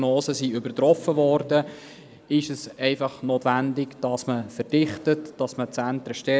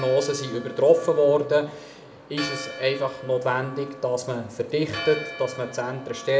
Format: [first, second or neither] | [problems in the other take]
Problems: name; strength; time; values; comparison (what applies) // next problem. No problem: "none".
first | background sound (Church bell); 14 dB below the speech // room echo; dies away in 0.4 s